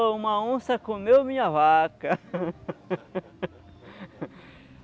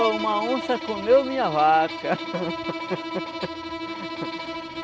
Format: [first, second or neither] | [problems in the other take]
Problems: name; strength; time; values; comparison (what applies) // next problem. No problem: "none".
first | background sound (Bowed string instrument); 7 dB below the speech